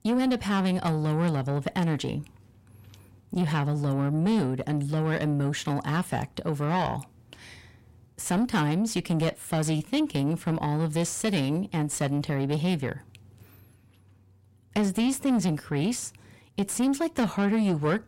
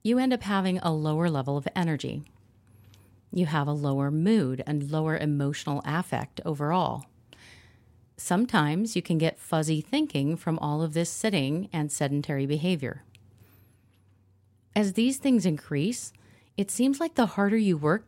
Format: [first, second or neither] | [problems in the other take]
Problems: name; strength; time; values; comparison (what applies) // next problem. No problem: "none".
second | distortion; slight; 9 dB below the speech